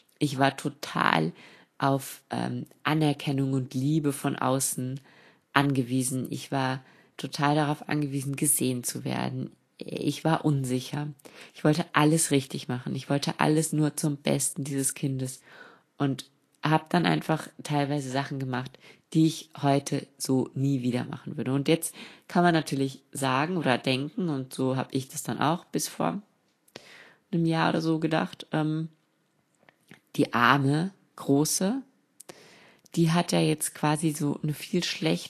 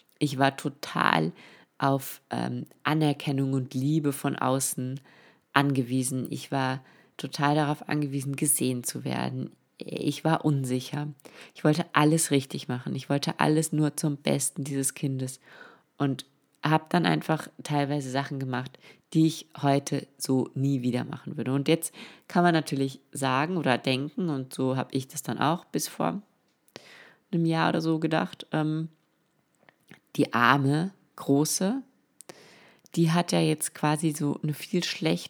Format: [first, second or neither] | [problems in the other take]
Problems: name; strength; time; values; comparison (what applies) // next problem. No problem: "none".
second | garbled, watery; slightly; nothing above 12.5 kHz